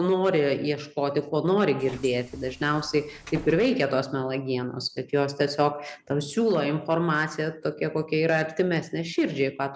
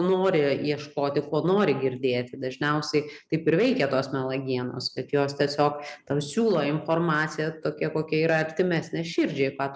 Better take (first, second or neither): second